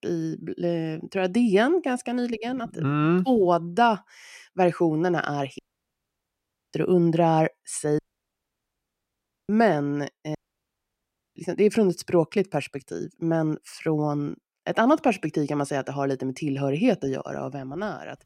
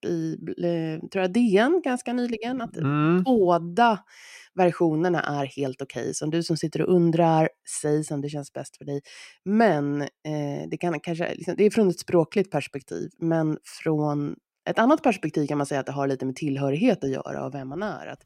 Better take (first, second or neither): second